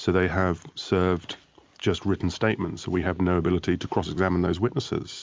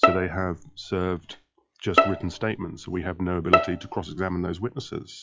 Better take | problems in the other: first | noise reduction (classical method log-MMSE)

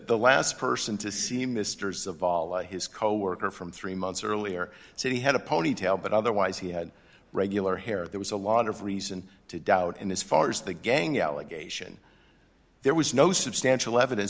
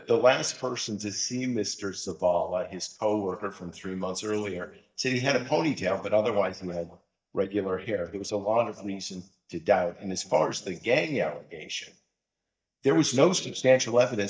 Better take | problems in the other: first | noise reduction (neural mask model DeepFilterNet 3)

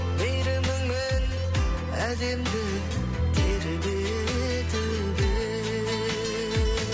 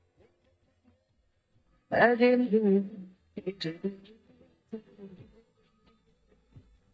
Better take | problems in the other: first | noise reduction (neural mask model DeepFilterNet 3)

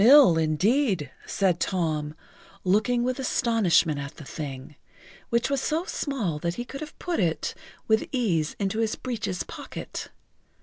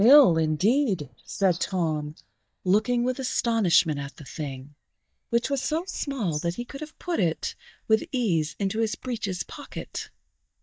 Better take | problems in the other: first | noise reduction (neural mask model DeepFilterNet 3)

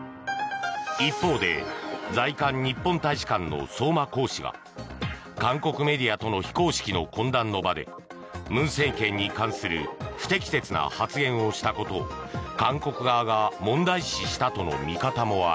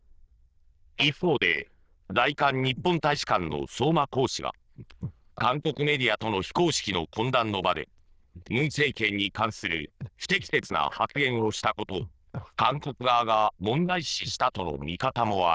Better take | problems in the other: first | noise reduction (neural diffusion model UNIVERSE++)

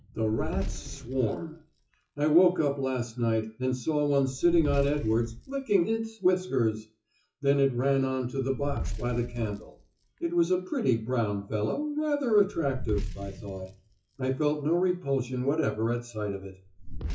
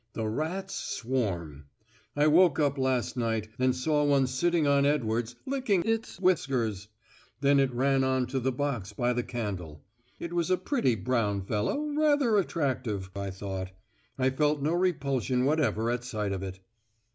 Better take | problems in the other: second | noise reduction (classical method WPE with log-MMSE)

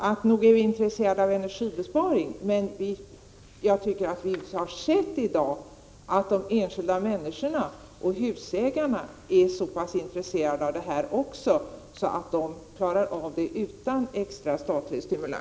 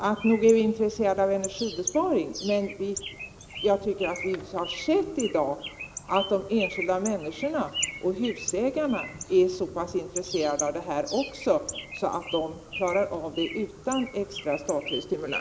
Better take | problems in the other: first | background sound (Bird); 11 dB below the speech

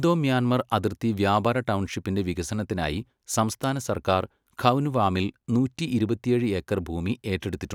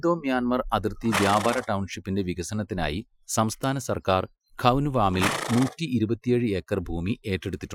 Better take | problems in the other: first | noise reduction (classical method Wiener filter)

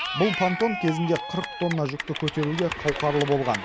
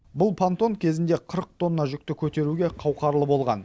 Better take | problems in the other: second | background sound (Cheering / Clapping); 7 dB below the speech

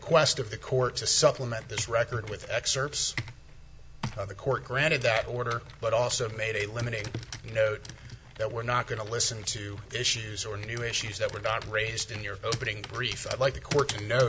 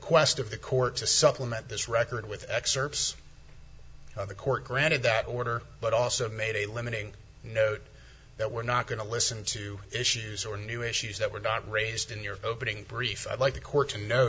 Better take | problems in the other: second | background sound (Computer keyboard); 13 dB below the speech

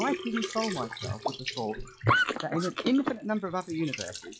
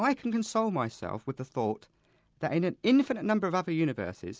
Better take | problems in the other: second | noise reduction (classical method log-MMSE)

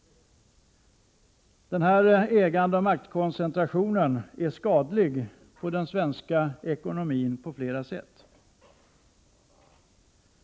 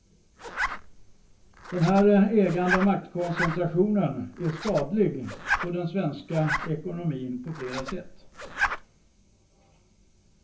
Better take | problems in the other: first | background sound (Zipper (clothing)); 7 dB below the speech // room echo; dies away in 0.3 s

